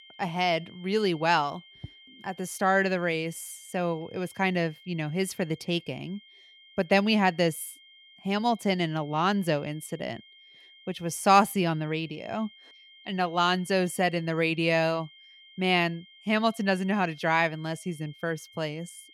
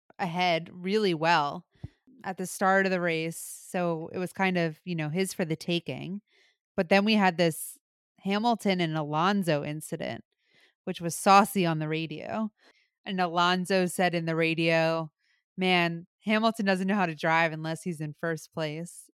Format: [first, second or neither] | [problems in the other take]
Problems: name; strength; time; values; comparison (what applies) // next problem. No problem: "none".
second | high-pitched whine; faint; throughout; 3 kHz, 25 dB below the speech